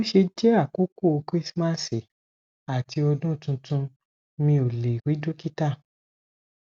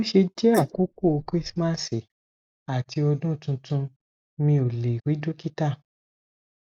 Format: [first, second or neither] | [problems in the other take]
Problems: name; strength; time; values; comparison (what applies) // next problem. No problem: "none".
first | noise reduction (neural mask model Resemble Enhance denoiser)